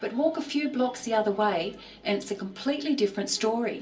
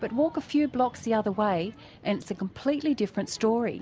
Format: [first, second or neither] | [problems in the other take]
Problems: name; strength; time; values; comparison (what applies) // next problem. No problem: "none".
second | room echo; dies away in 0.3 s